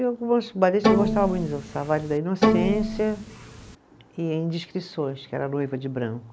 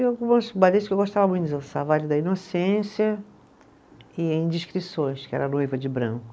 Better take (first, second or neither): second